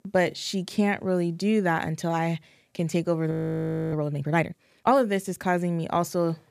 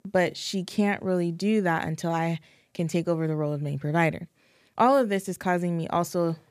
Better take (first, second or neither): second